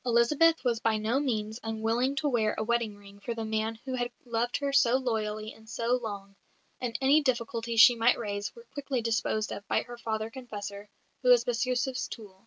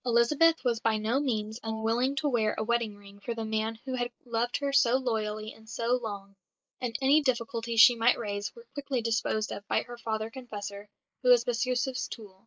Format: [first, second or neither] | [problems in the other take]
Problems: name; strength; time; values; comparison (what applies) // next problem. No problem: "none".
first | noise reduction (neural mask model Resemble Enhance denoiser)